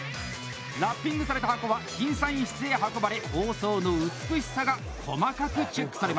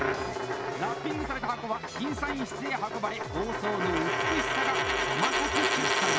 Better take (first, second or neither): first